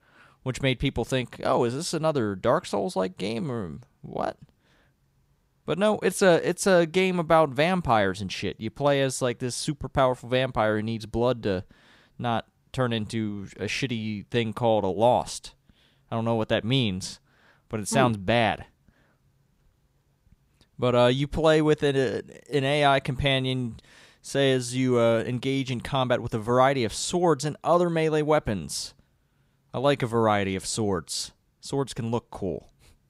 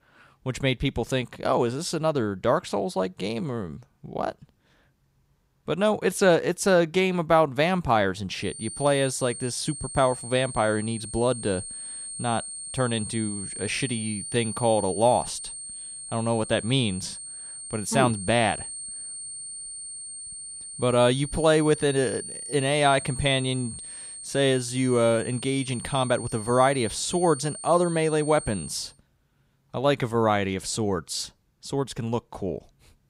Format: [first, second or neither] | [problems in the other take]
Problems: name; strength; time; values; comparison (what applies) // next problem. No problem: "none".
first | high-pitched whine; loud; from 8.5 to 29 s; 8.5 kHz, 10 dB below the speech